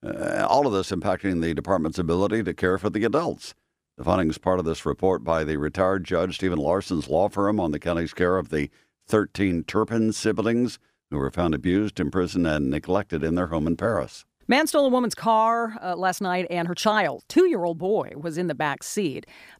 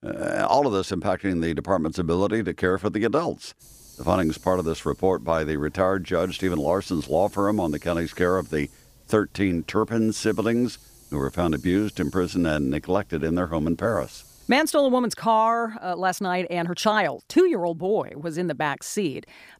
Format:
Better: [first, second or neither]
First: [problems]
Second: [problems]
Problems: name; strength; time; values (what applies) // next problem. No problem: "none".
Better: first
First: none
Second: hiss; faint; from 3.5 to 15 s; 25 dB below the speech